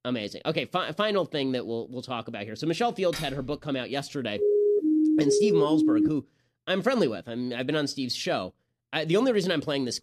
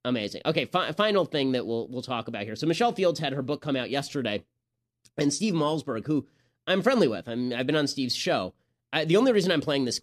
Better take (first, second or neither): second